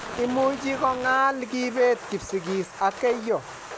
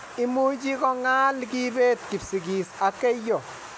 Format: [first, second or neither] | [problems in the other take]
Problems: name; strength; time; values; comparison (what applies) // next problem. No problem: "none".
second | background sound (Fire + Walk, footsteps); 14 dB below the speech